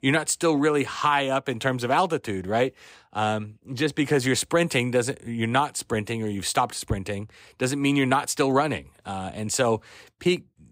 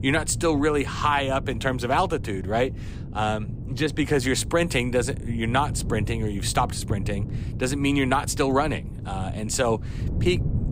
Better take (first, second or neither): first